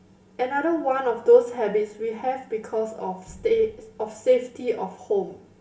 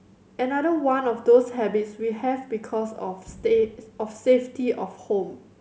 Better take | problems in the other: second | room echo; dies away in 0.2 s

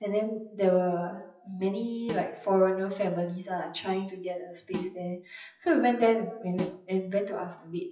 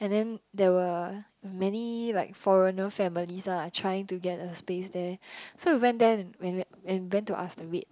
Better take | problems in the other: second | noise reduction (classical method WPE with log-MMSE)

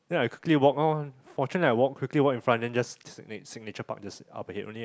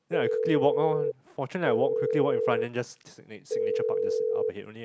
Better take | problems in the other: first | background sound (Telephone); 4 dB above the speech

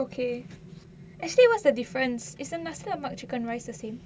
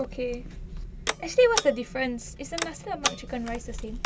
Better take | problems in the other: first | background sound (Telephone); 6 dB below the speech

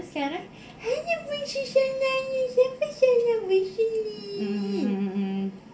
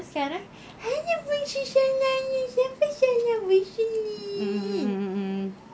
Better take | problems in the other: second | room echo; dies away in 0.5 s

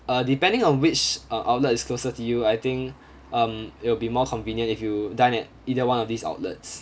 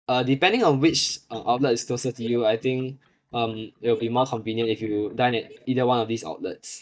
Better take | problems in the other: first | noise reduction (neural mask model DeepFilterNet 3)

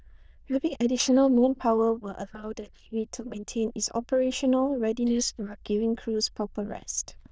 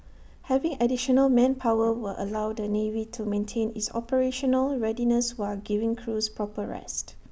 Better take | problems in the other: second | noise reduction (neural diffusion model UNIVERSE++)

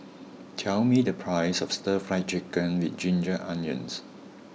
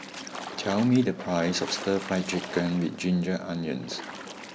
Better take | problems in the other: first | background sound (Splash, splatter); 13 dB below the speech

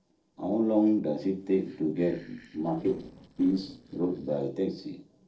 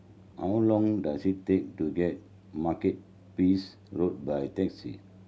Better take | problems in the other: second | noise reduction (neural separator model SepFormer DNS4)

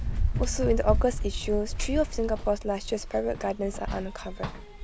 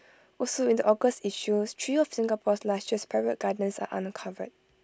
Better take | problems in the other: second | background sound (Run); 1 dB below the speech

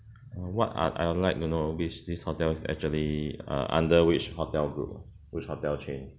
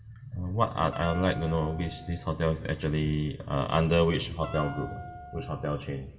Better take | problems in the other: first | background sound (Wind instrument, woodwind instrument); 16 dB below the speech // room echo; dies away in 2.2 s

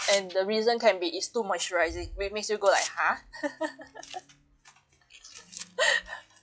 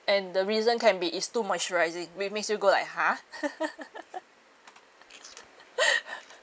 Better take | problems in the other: second | noise reduction (classical method log-MMSE)

